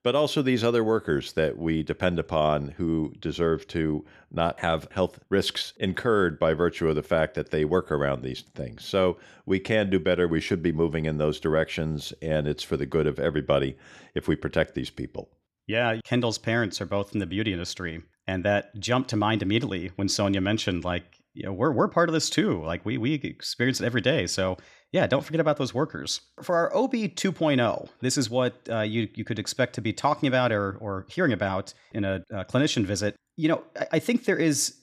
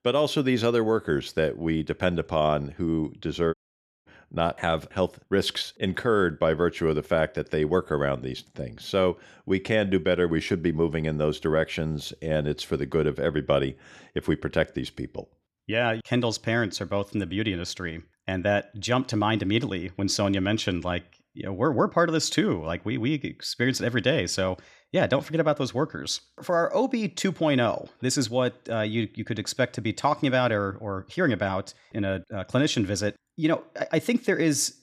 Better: first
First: none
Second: audio cutting out; at 3.5 s for 0.5 s

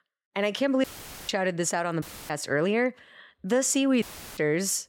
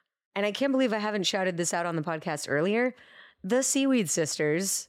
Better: second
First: audio cutting out; filled with static; at 1 s, at 2 s and at 4 s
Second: none

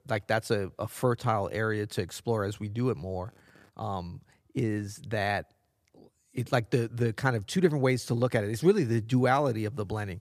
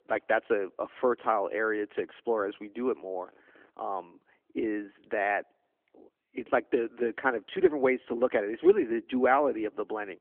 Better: first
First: none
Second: phone-call audio; nothing above 3.5 kHz

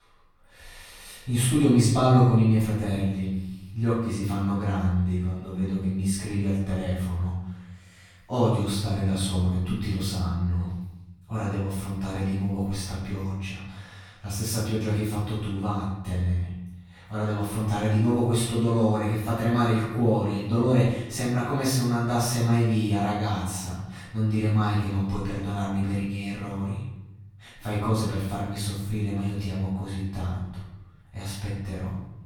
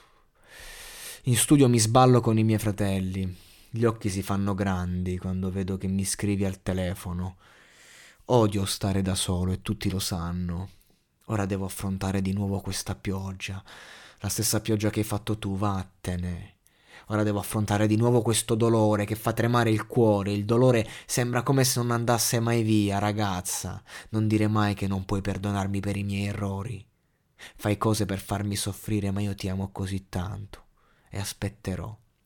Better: second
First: off-mic speech; far // room echo; strong; dies away in 0.9 s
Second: none

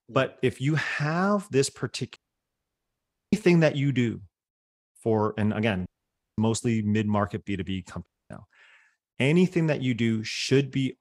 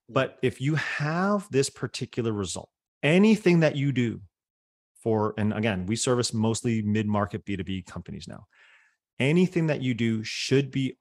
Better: second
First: audio cutting out; at 2 s for 1 s, at 6 s for 0.5 s and at 8 s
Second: none

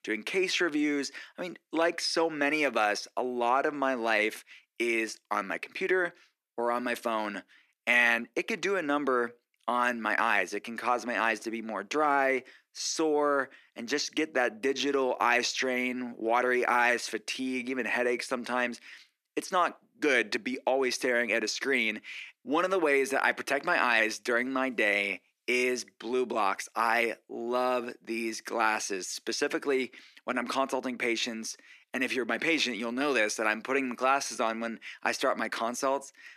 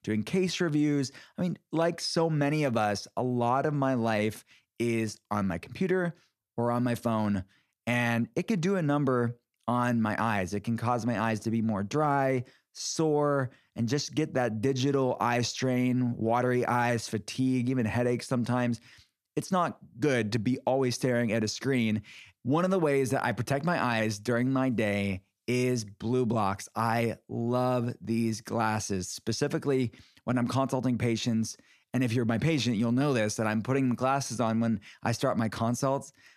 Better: second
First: thin; somewhat; fading below 300 Hz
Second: none

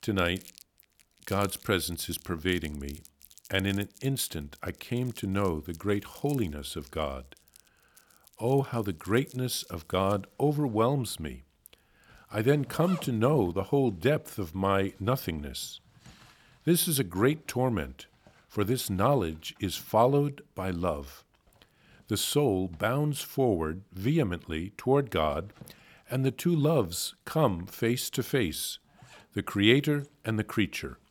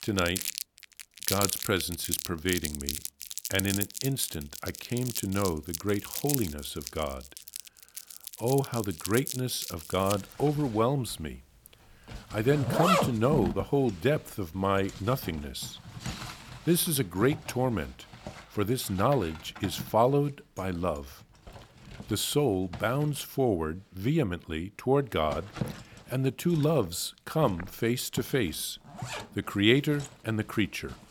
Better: first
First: household noises; faint; throughout; 25 dB below the speech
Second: household noises; loud; throughout; 6 dB below the speech

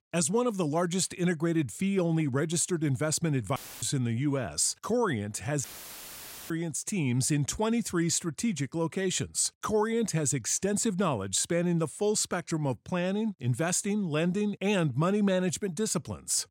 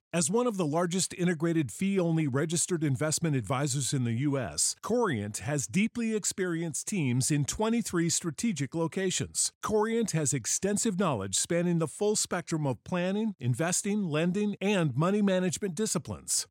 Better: second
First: audio cutting out; filled with static; at 3.5 s and at 5.5 s for 1 s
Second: none

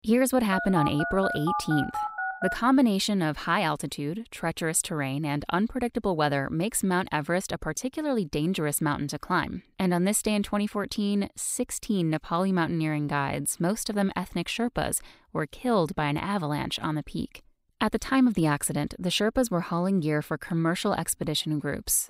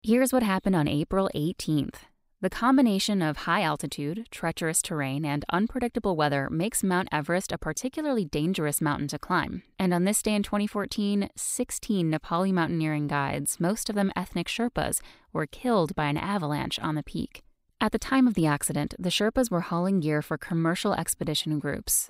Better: second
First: phone ringing; noticeable; from 0.5 to 2.5 s; peak 3 dB below the speech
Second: none

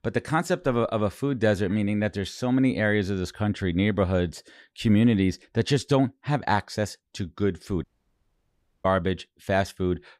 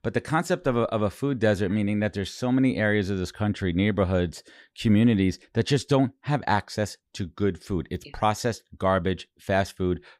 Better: second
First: audio cutting out; at 8 s for 1 s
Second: none

